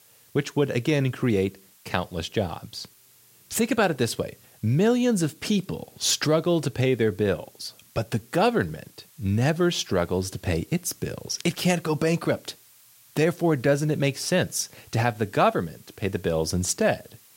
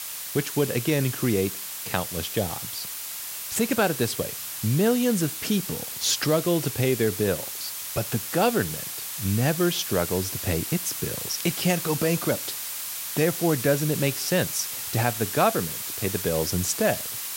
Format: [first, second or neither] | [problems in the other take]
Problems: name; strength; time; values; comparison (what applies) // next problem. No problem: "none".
first | hiss; loud; throughout; 5 dB below the speech; faint in the first